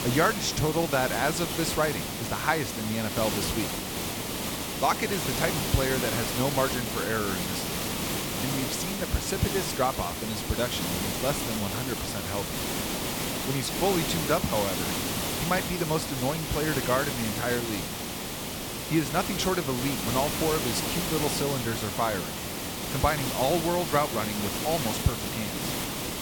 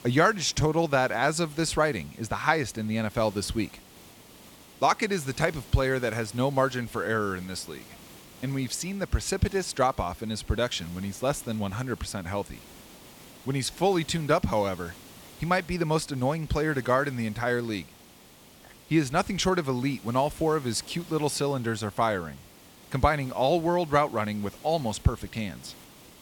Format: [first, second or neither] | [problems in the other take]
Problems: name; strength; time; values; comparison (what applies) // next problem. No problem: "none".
second | hiss; loud; throughout; 1 dB below the speech; faint in the second